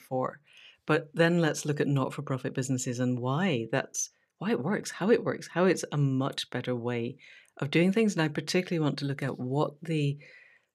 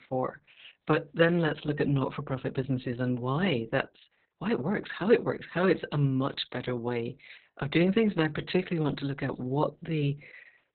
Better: first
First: none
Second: garbled, watery; badly; nothing above 4 kHz

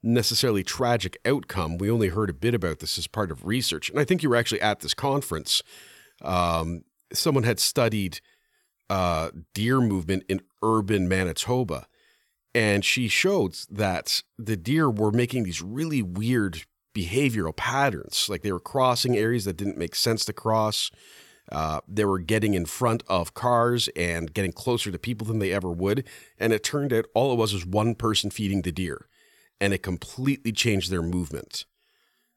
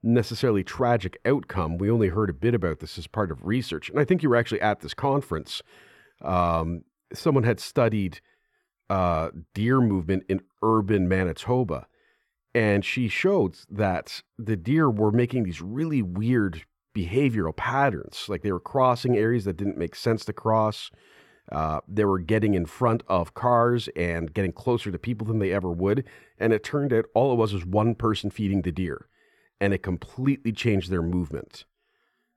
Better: first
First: none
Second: muffled; slightly; fading above 3 kHz

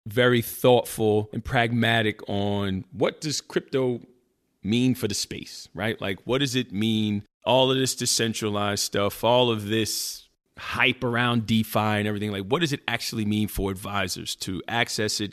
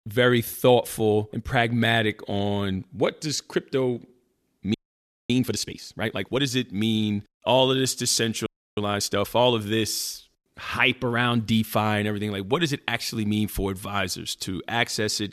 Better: first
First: none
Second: audio freezing; at 4.5 s for 0.5 s and at 8.5 s

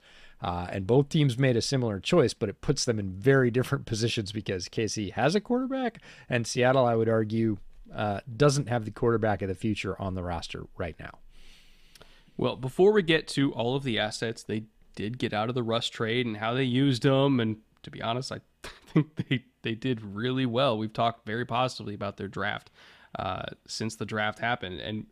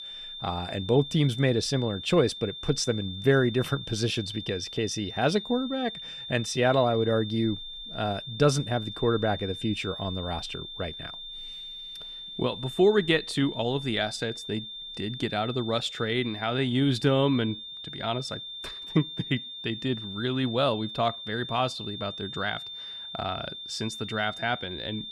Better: first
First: none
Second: high-pitched whine; loud; throughout; 3.5 kHz, 9 dB below the speech

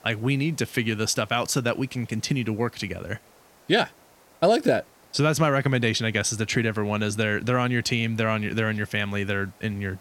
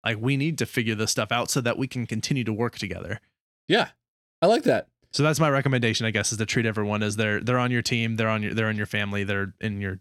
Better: second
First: hiss; faint; throughout; 30 dB below the speech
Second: none

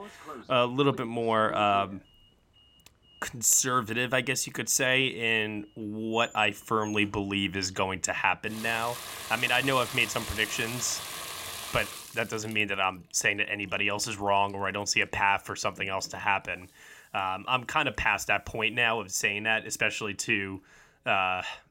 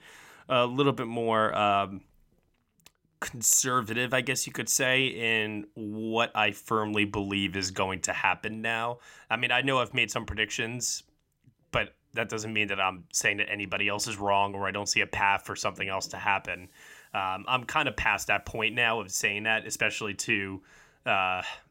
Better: second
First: household noises; noticeable; throughout; 10 dB below the speech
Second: none

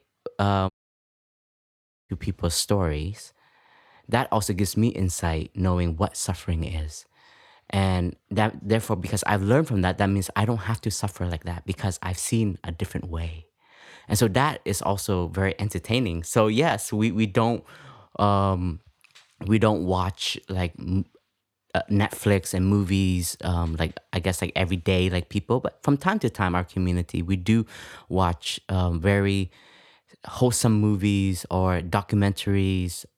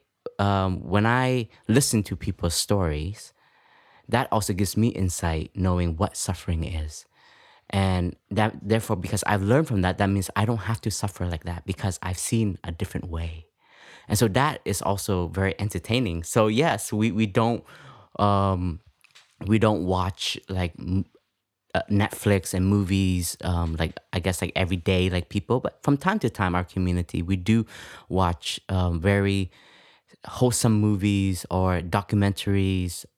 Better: second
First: audio cutting out; at 0.5 s for 1.5 s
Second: none

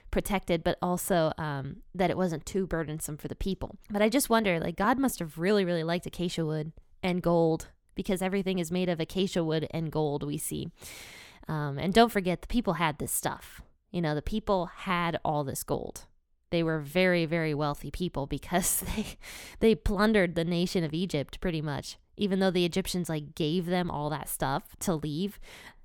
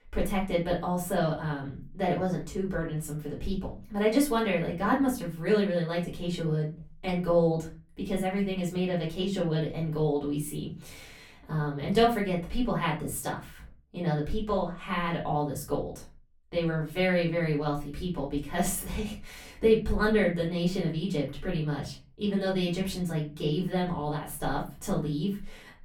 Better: first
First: none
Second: off-mic speech; far // room echo; slight; dies away in 0.3 s

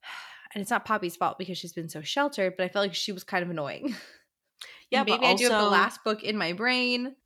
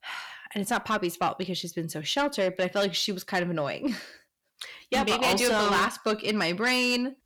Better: first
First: none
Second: distortion; heavy; 8 dB below the speech

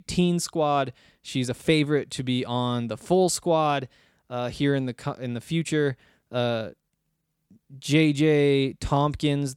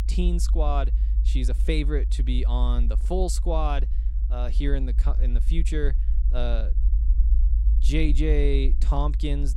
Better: first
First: none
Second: low rumble; noticeable; throughout; 15 dB below the speech

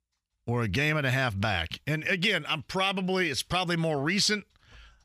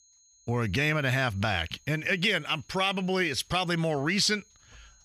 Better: first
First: none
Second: high-pitched whine; faint; throughout; 6.5 kHz, 30 dB below the speech

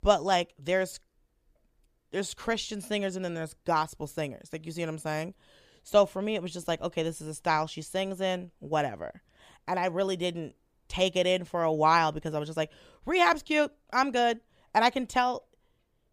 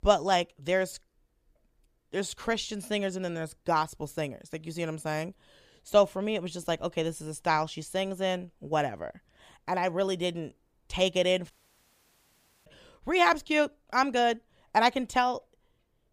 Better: first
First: none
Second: audio cutting out; at 12 s for 1 s

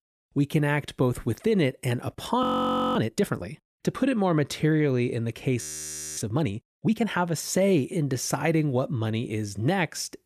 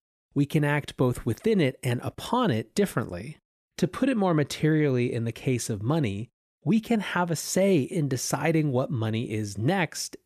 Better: second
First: audio freezing; at 2.5 s for 0.5 s and at 5.5 s for 0.5 s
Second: none

